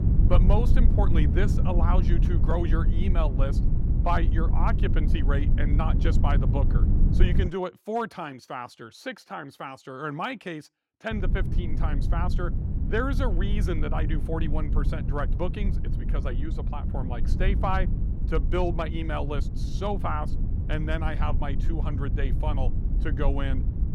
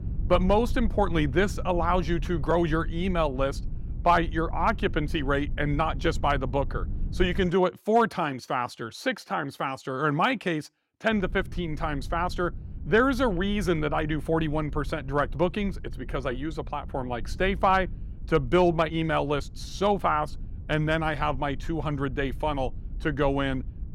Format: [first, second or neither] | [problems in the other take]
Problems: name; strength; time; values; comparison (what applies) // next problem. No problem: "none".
second | low rumble; loud; until 7.5 s and from 11 s on; 8 dB below the speech; faint in the second